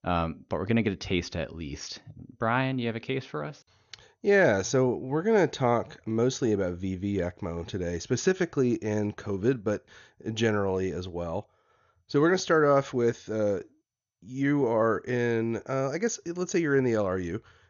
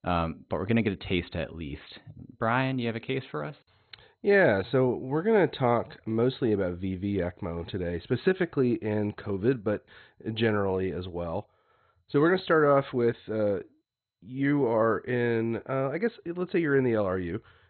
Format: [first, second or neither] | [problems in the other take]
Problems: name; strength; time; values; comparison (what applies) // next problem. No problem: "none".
first | garbled, watery; badly; nothing above 4 kHz; slightly in the first